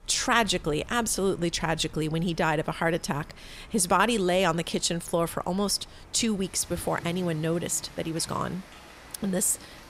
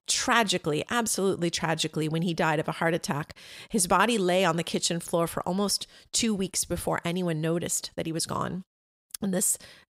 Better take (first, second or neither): second